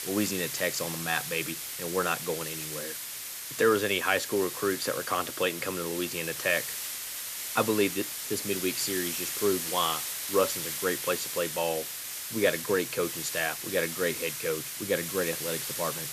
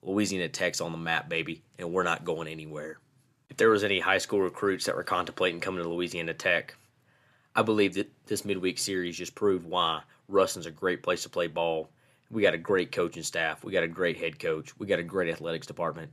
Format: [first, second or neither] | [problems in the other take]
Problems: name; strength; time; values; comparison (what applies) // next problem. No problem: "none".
second | hiss; loud; throughout; 3 dB below the speech